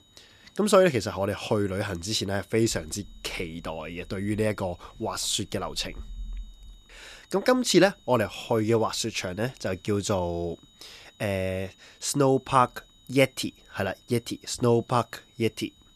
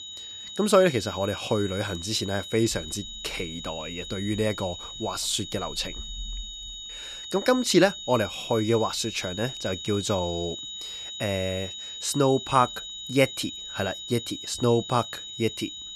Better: first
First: high-pitched whine; faint; throughout; 4 kHz, 30 dB below the speech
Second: high-pitched whine; loud; throughout; 4 kHz, 9 dB below the speech

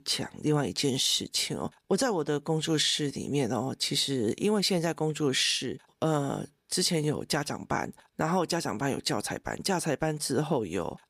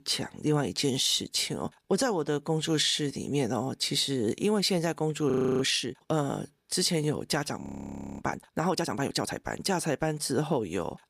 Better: first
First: none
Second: audio freezing; at 5.5 s and at 7.5 s for 0.5 s

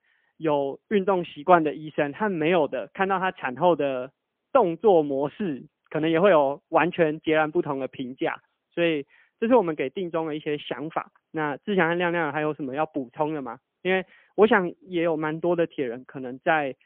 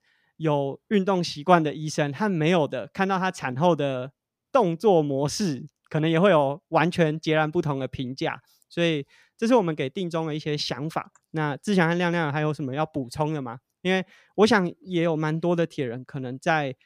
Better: second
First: phone-call audio; poor line; nothing above 3.5 kHz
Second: none

